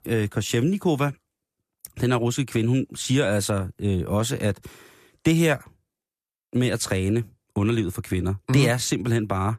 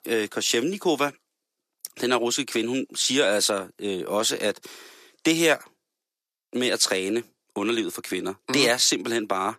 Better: first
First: none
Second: thin; somewhat; fading below 300 Hz

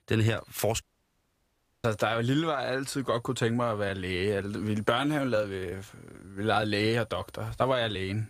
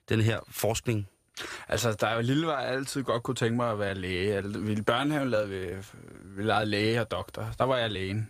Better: second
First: audio cutting out; at 1 s for 1 s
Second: none

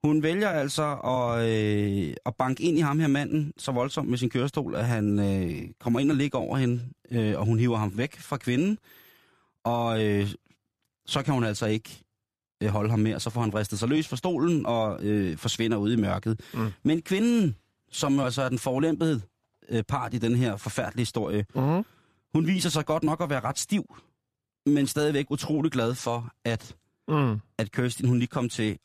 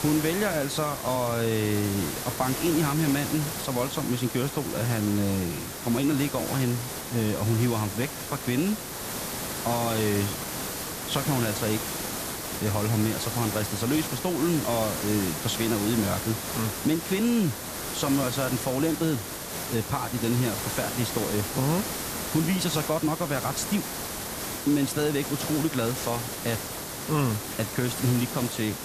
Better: first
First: none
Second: hiss; loud; throughout; 4 dB below the speech

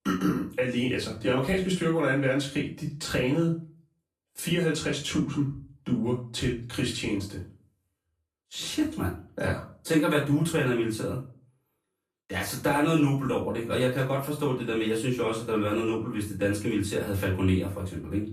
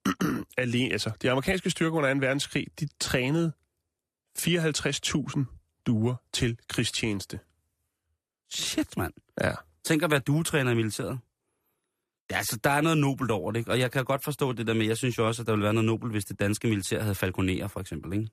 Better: second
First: off-mic speech; far // room echo; slight; dies away in 0.3 s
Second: none

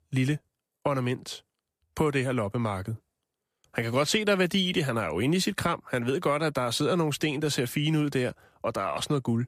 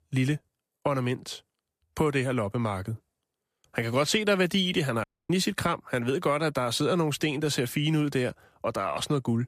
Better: first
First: none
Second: audio cutting out; at 5 s

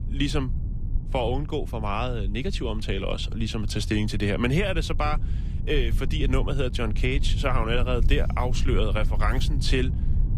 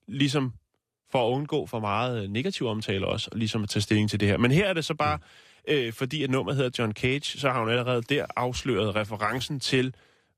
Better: second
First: low rumble; noticeable; throughout; 15 dB below the speech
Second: none

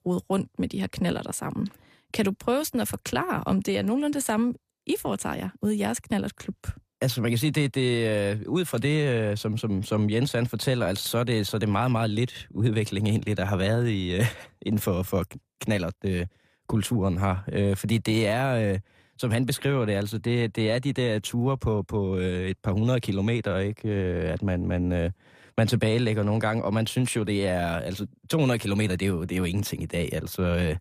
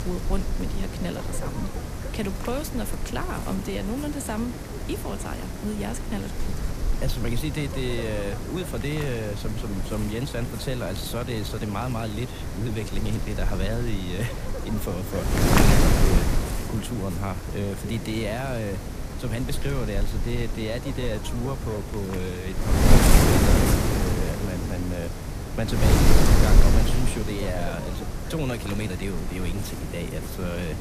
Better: first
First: none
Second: wind noise on the microphone; heavy; 2 dB above the speech

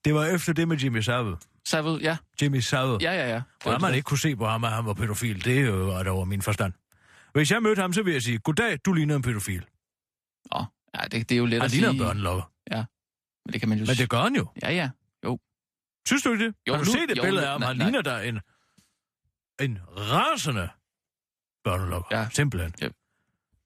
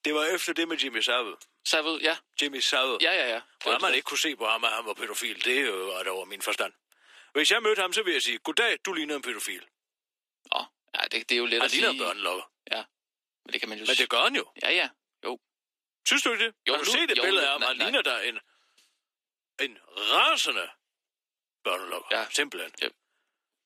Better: first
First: none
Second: thin; very; fading below 300 Hz

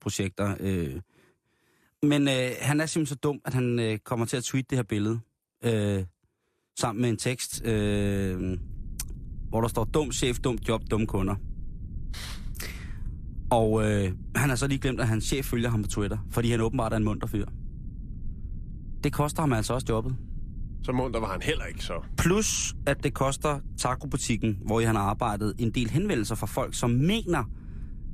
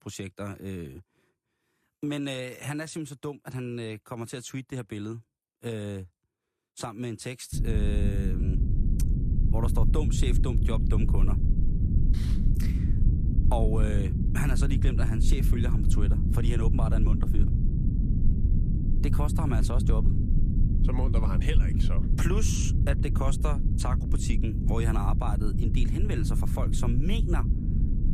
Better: first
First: low rumble; faint; from 7.5 s on; 25 dB below the speech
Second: low rumble; loud; from 7.5 s on; 3 dB below the speech

